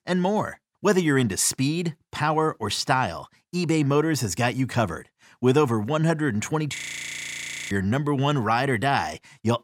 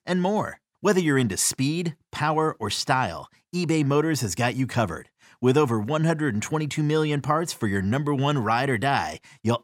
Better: second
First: audio freezing; at 7 s for 1 s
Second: none

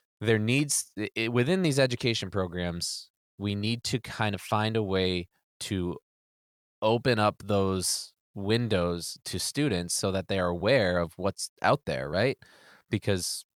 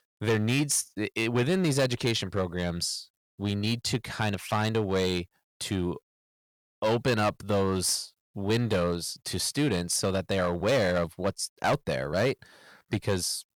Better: first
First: none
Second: distortion; slight; 6% of the sound clipped

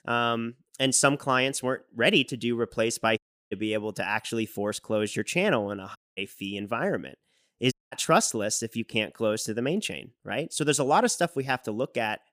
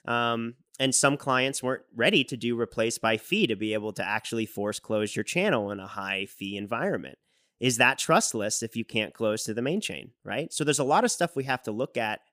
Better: second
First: audio cutting out; at 3 s, at 6 s and at 7.5 s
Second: none

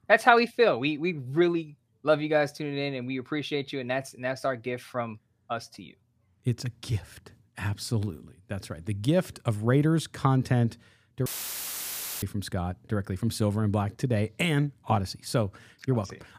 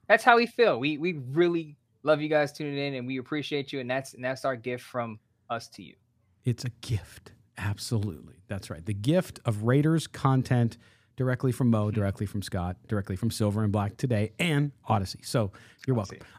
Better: second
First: audio cutting out; filled with static; at 11 s for 1 s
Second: none

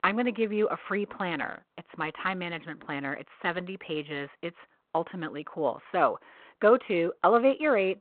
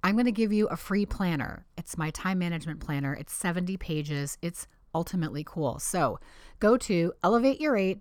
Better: second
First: phone-call audio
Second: none

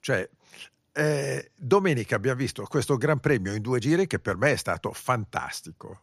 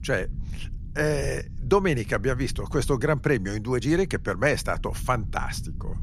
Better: first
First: none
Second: low rumble; faint; throughout; 25 dB below the speech

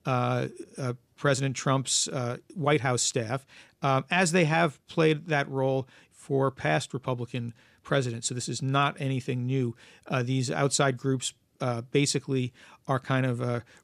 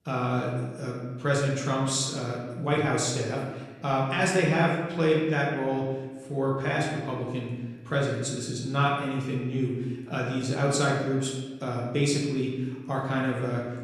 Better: first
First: none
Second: room echo; noticeable; dies away in 1.2 s // off-mic speech; far

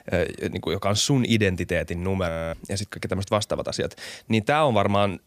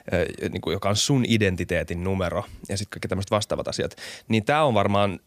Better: second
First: audio freezing; at 2.5 s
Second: none

